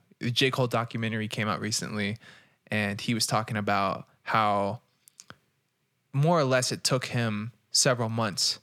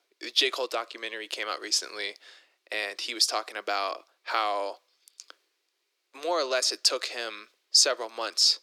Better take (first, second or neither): first